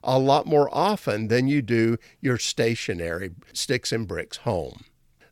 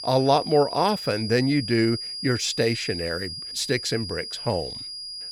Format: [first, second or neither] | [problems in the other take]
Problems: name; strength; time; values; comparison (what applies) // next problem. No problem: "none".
first | high-pitched whine; loud; throughout; 5 kHz, 7 dB below the speech